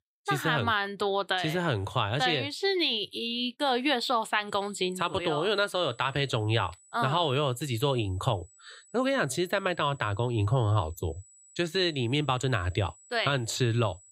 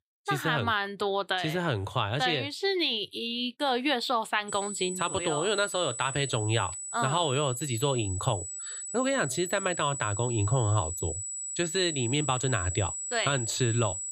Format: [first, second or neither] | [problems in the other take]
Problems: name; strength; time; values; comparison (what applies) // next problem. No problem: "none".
first | high-pitched whine; loud; from 4.5 s on; 8 kHz, 5 dB below the speech; faint in the first